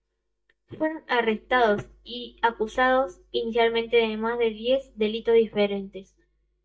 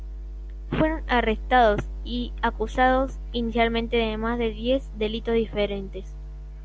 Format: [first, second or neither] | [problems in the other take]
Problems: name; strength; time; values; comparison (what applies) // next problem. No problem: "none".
second | noise reduction (neural mask model DeepFilterNet 3)